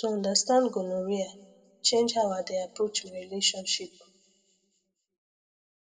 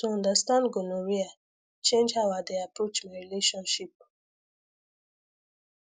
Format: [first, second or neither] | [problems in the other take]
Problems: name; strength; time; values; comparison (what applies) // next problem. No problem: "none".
second | room echo; dies away in 1 s